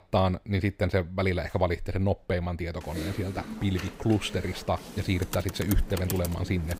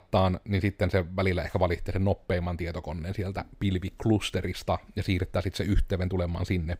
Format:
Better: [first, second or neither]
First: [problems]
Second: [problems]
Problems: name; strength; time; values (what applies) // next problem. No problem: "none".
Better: second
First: keyboard typing; noticeable; from 3 s on; peak 6 dB below the speech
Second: none